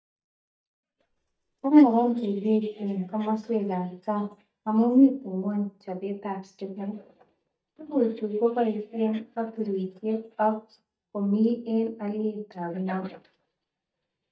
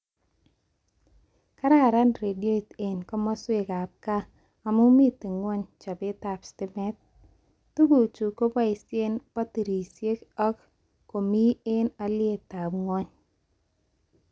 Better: second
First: noise reduction (neural mask model DeepFilterNet 3)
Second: none

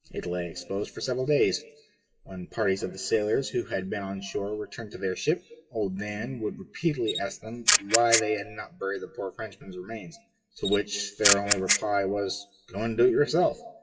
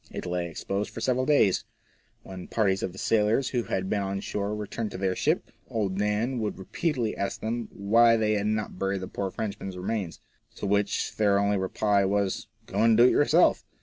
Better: second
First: noise reduction (classical method WPE with log-MMSE)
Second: none

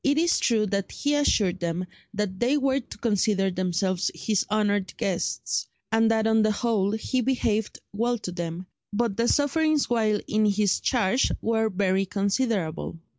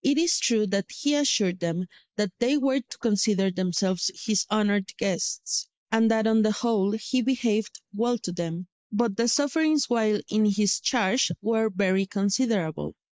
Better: first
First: none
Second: noise reduction (neural mask model Resemble Enhance denoiser)

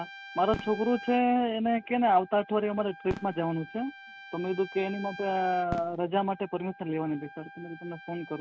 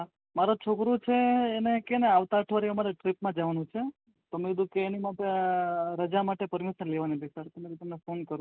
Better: second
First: background sound (Trumpet + Fireworks); 15 dB below the speech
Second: none

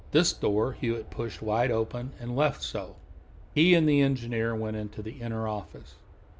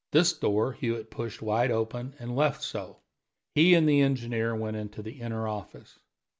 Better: second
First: background sound (Aircraft); 18 dB below the speech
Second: none

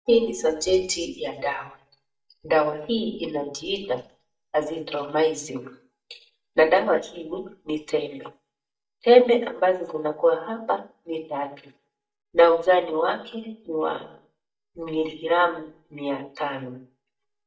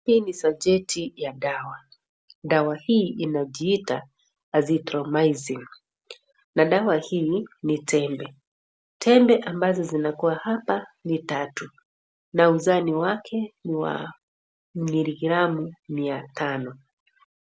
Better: second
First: noise reduction (neural mask model DeepFilterNet 3)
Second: none

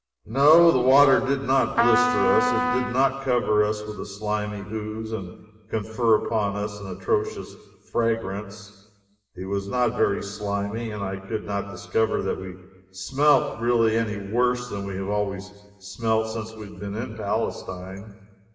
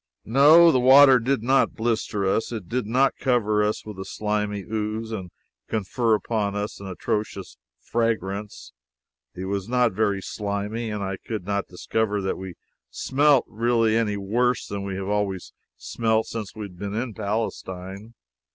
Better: second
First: background sound (Trumpet); 1 dB below the speech // room echo; dies away in 1.2 s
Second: none

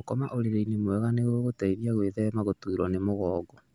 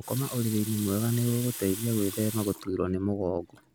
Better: first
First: none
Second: background sound (Water tap, faucet); 12 dB below the speech

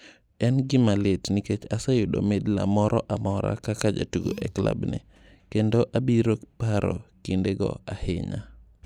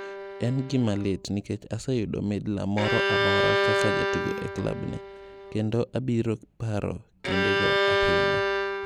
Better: first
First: none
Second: background sound (Bowed string instrument); 1 dB above the speech

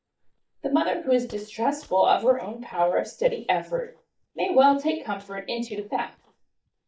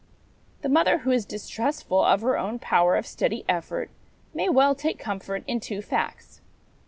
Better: second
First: noise reduction (neural mask model DeepFilterNet 3)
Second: none

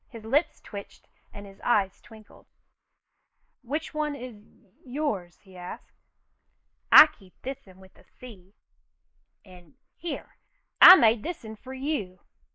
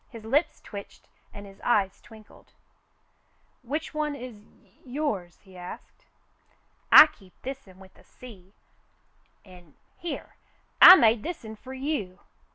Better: second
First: noise reduction (neural mask model Resemble Enhance denoiser)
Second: none

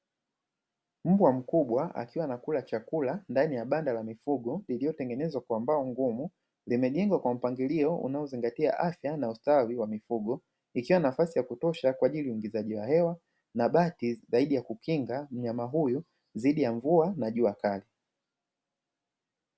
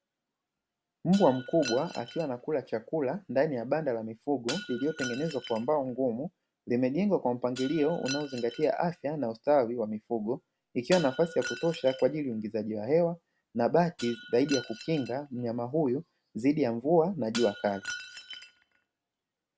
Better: first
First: none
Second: background sound (Shatter); 16 dB below the speech

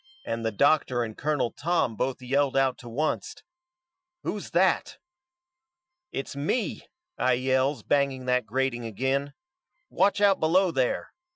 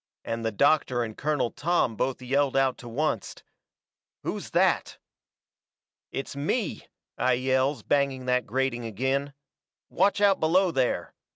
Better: second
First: noise reduction (classical method Wiener filter)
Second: none

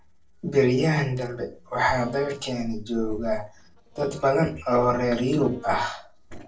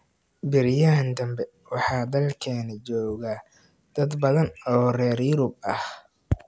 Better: second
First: noise reduction (neural separator model SepFormer DNS4)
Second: none

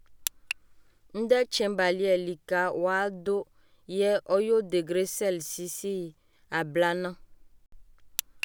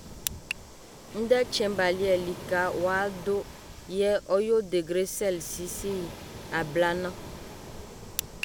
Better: first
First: none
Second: background sound (Waves, surf); 13 dB below the speech

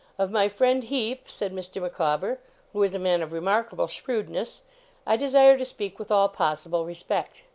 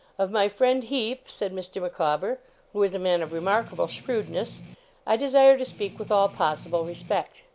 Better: first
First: none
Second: background sound (Strum); 19 dB below the speech

